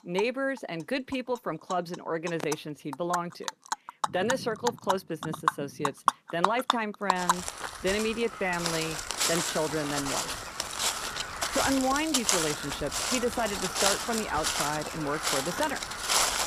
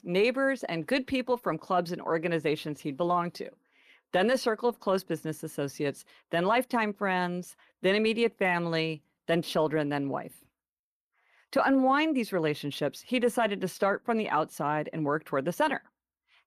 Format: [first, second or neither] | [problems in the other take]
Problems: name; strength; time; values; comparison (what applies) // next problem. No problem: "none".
second | animal sounds; very loud; throughout; 1 dB above the speech